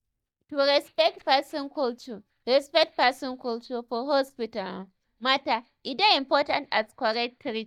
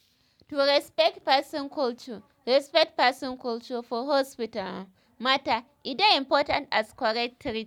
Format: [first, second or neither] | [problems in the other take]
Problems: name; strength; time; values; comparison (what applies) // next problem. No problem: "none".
second | noise reduction (neural mask model DeepFilterNet 3)